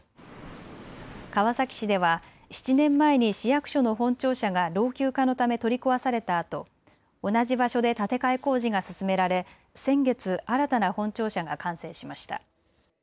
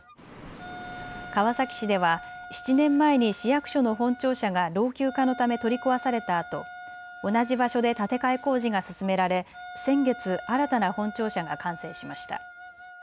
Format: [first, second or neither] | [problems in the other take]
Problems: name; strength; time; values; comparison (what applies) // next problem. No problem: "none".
first | background sound (Wind instrument, woodwind instrument); 16 dB below the speech